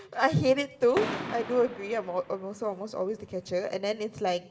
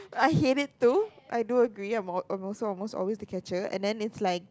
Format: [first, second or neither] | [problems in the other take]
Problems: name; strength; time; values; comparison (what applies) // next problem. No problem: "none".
second | background sound (Fireworks); 11 dB below the speech // room echo; dies away in 0.6 s